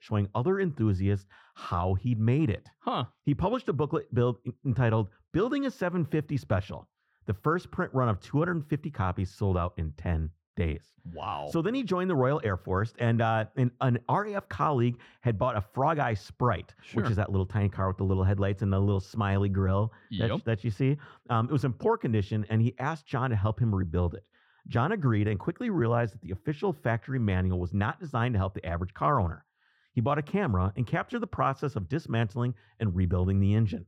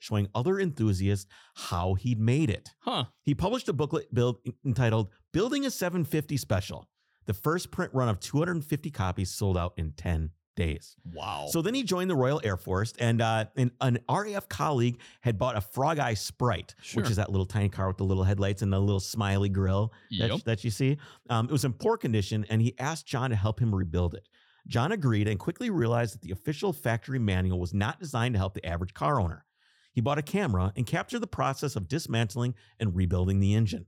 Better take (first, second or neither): second